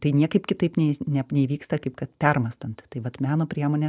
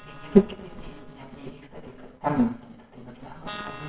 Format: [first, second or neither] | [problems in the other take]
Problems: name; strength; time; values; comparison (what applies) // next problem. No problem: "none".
first | noise reduction (neural separator model SepFormer WHAMR!)